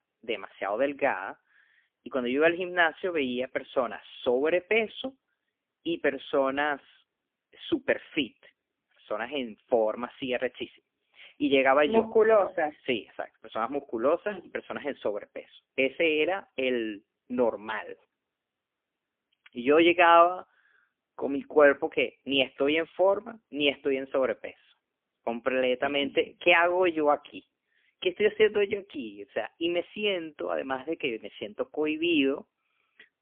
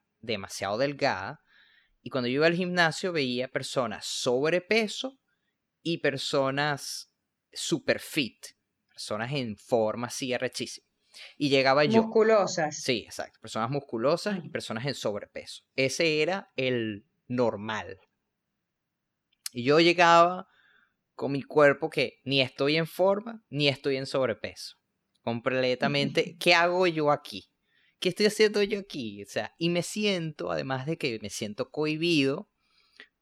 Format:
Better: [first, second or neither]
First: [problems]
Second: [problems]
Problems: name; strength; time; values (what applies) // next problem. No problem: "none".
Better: second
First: phone-call audio; poor line; nothing above 3 kHz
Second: none